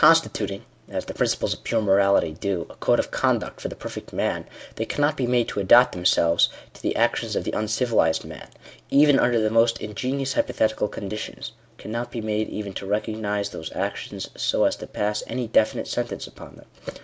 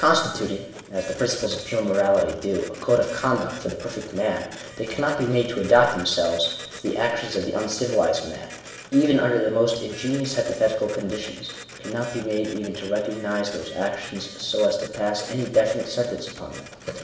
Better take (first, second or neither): first